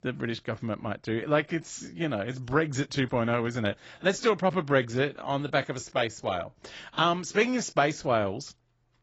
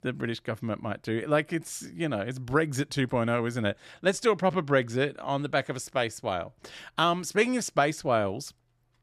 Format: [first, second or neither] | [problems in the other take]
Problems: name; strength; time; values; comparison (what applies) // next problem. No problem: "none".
second | garbled, watery; badly; nothing above 7.5 kHz